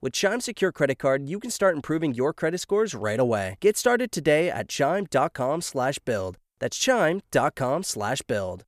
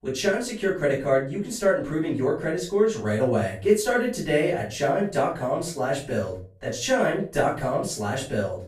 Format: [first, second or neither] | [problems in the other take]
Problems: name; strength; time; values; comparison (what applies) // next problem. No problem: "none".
first | off-mic speech; far // room echo; slight; dies away in 0.3 s